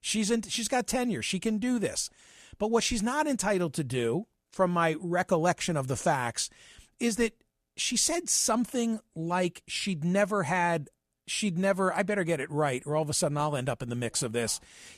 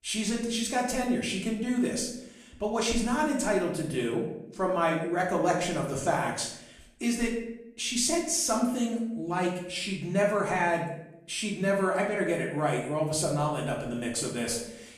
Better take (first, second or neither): first